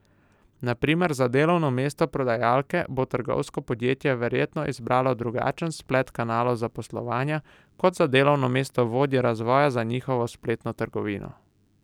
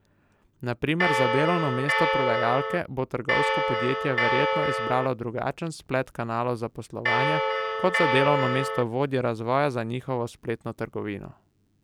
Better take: first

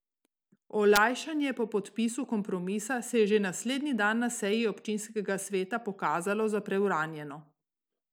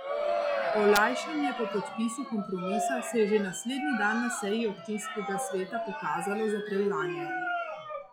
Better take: first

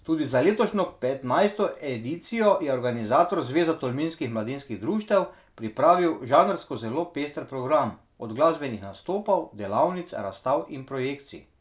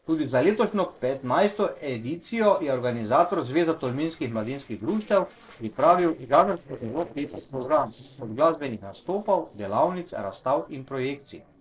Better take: first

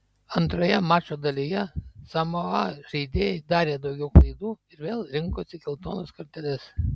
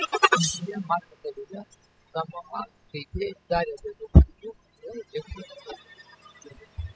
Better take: first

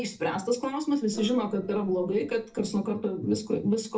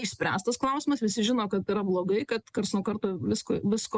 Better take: second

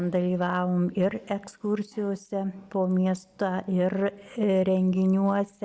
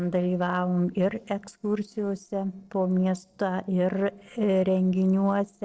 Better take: first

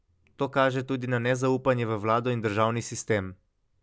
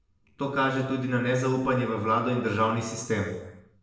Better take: first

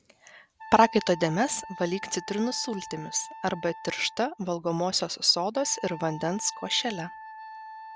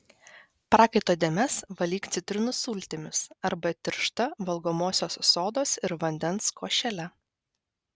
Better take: second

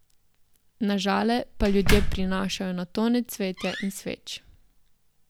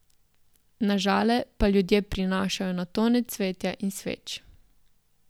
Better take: second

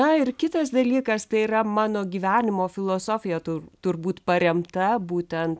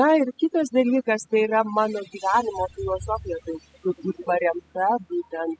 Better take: first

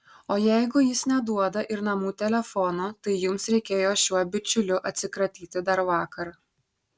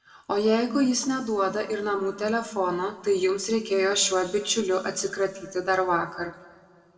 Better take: first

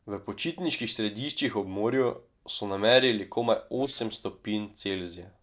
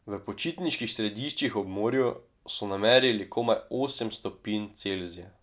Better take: second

